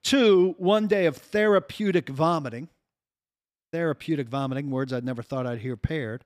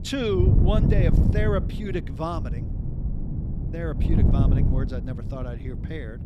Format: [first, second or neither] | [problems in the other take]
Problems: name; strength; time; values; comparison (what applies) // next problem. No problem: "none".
first | wind noise on the microphone; heavy; 4 dB below the speech